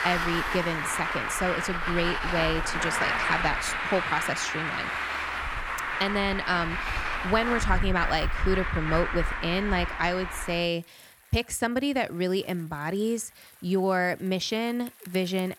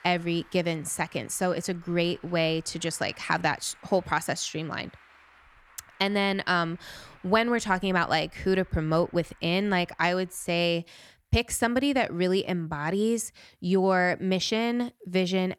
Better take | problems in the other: second | traffic noise; loud; throughout; 1 dB below the speech; faint in the second

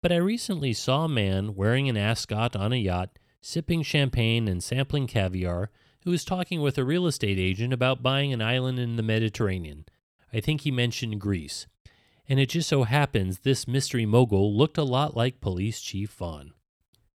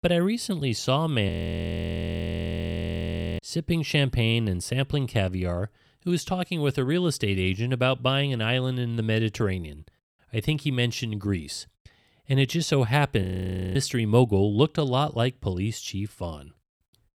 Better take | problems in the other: first | audio freezing; at 1.5 s for 2 s and at 13 s for 0.5 s

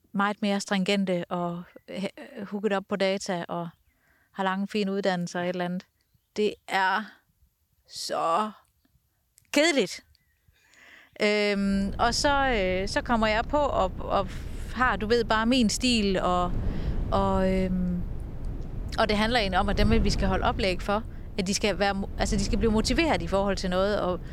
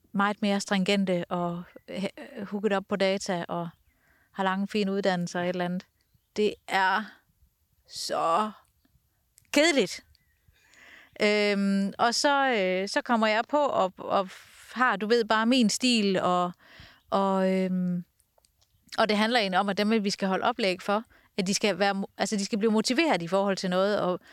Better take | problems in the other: second | wind noise on the microphone; occasional gusts; from 12 s on; 20 dB below the speech

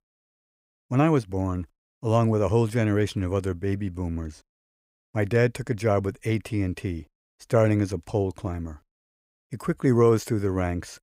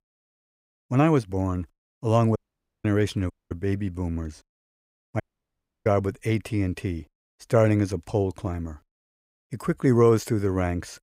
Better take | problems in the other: first | audio cutting out; at 2.5 s, at 3.5 s and at 5 s for 0.5 s

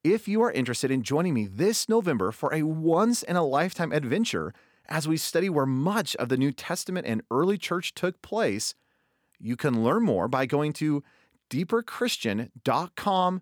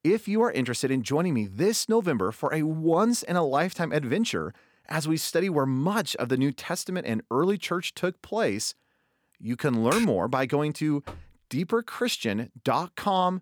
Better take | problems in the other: first | keyboard typing; noticeable; at 10 s; peak 6 dB below the speech // door banging; faint; at 11 s; peak 20 dB below the speech

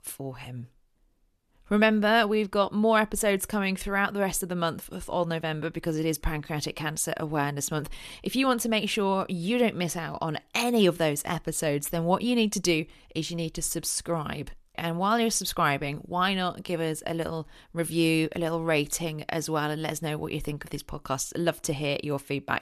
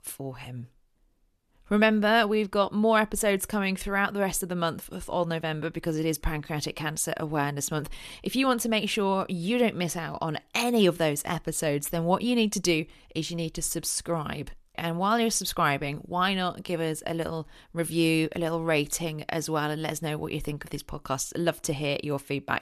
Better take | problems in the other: neither | none

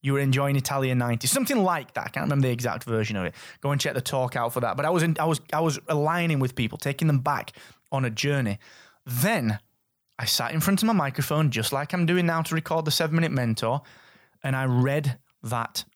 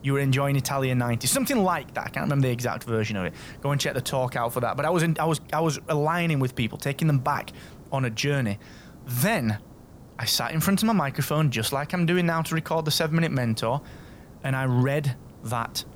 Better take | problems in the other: first | hiss; faint; throughout; 20 dB below the speech

